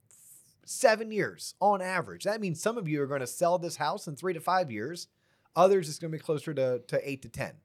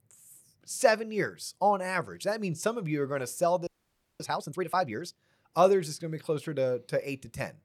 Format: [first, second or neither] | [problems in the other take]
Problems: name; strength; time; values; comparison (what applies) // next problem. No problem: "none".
first | audio freezing; at 3.5 s for 0.5 s